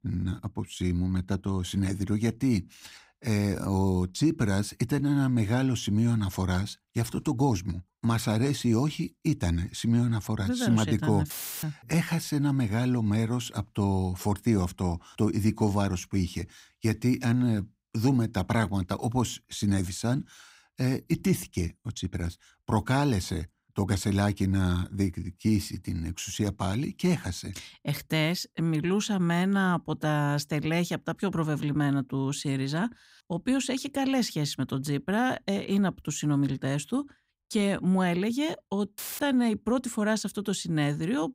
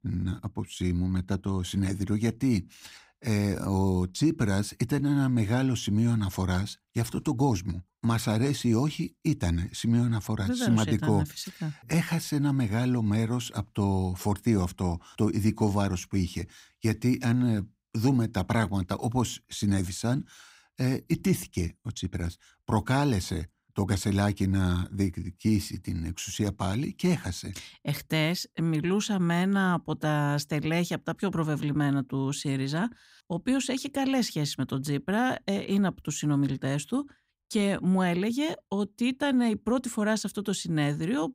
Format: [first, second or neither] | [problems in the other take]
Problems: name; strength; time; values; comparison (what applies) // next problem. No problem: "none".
second | audio cutting out; filled with static; at 11 s and at 39 s